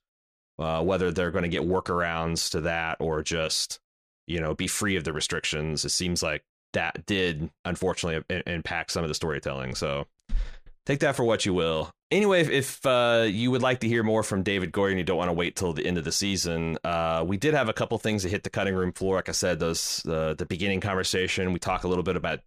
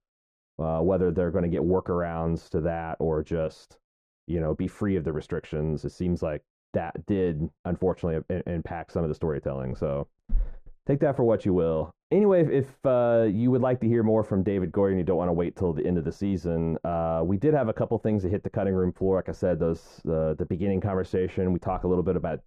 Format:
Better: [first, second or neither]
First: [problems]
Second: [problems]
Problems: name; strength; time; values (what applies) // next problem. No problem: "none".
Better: first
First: none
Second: muffled; very; fading above 1.5 kHz